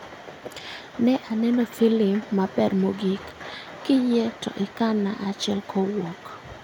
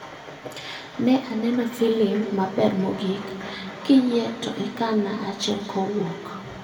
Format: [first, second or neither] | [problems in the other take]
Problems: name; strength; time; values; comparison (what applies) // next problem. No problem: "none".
first | room echo; dies away in 1.8 s